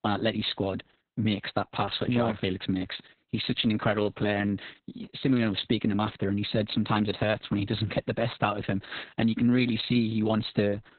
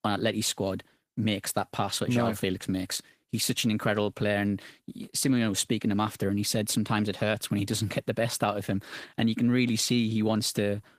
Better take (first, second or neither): second